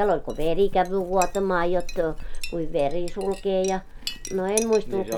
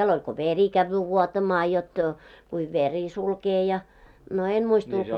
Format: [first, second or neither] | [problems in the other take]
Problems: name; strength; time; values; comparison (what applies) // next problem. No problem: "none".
second | background sound (Chewing, mastication / Livestock, farm animals, working animals + Chink, clink); 5 dB below the speech